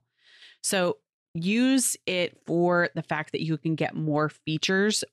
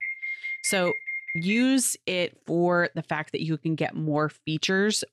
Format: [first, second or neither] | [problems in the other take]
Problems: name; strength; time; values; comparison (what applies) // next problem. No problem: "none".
first | alarm; noticeable; until 1.5 s; peak 4 dB below the speech